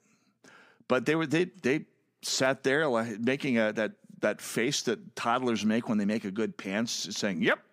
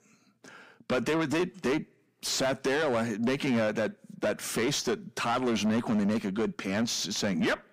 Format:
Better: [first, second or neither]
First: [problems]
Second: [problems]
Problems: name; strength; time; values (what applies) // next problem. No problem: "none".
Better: first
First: none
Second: distortion; heavy; 7 dB below the speech